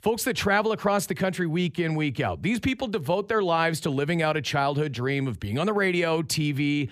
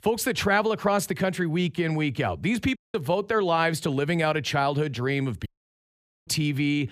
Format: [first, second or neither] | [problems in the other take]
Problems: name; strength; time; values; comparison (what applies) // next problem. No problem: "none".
first | audio cutting out; at 3 s and at 5.5 s for 1 s